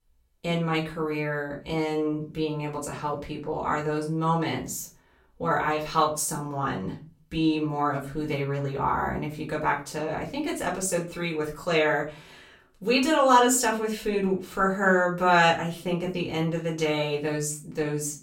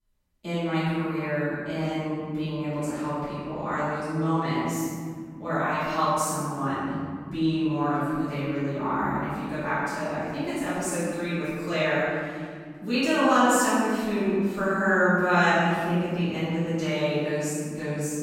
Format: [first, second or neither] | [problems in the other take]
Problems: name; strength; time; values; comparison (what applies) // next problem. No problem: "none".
first | room echo; strong; dies away in 2.2 s; slight in the first // off-mic speech; far; far in the first